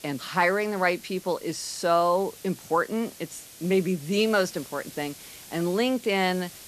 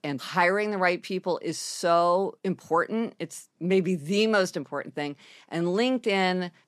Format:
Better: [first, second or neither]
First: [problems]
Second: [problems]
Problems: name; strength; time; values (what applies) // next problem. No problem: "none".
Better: second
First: hiss; noticeable; throughout; 20 dB below the speech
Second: none